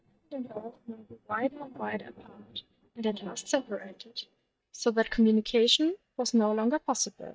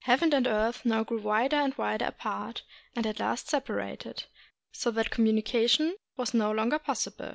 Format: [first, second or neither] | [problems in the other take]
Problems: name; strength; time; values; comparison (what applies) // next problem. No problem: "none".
second | noise reduction (neural mask model DeepFilterNet 3)